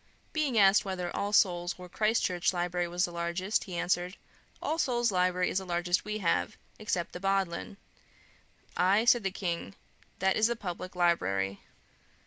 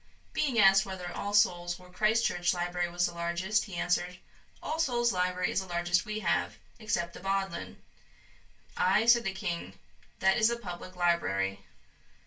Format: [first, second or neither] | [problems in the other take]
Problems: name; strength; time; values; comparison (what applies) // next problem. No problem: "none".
first | room echo; dies away in 0.2 s